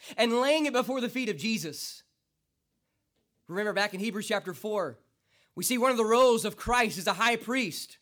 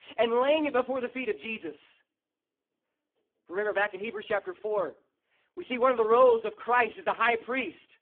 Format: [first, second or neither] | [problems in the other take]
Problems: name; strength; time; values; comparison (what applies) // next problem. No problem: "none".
first | phone-call audio; poor line